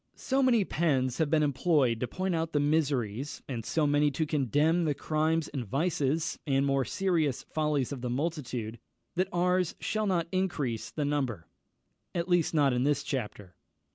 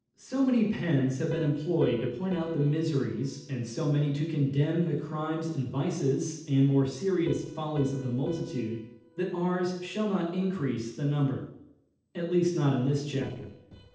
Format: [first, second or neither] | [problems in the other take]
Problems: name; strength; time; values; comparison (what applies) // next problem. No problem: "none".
first | noise reduction (neural separator model SepFormer DNS4)